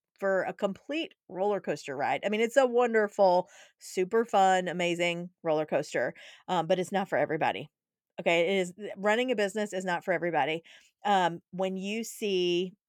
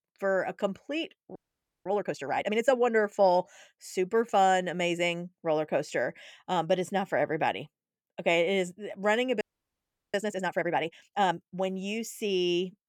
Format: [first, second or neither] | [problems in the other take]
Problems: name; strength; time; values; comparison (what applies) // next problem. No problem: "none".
first | audio freezing; at 1.5 s and at 9.5 s for 0.5 s